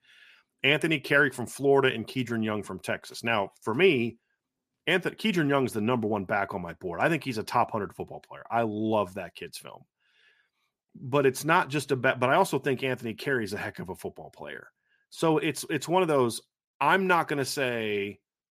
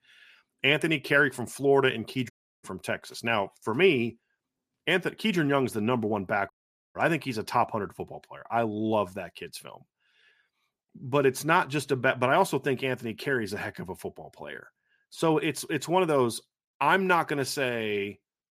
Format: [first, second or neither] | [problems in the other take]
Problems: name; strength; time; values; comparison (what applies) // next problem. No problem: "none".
first | audio cutting out; at 2.5 s and at 6.5 s